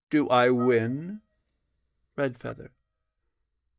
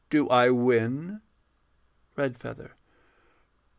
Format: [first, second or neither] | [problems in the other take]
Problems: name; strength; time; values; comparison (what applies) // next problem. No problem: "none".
second | noise reduction (neural mask model DeepFilterNet 3)